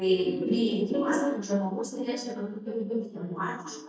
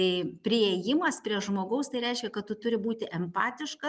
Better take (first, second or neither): second